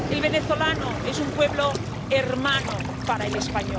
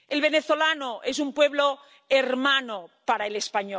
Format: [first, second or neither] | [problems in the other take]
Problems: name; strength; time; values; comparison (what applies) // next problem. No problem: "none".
second | background sound (Waves, surf); 3 dB below the speech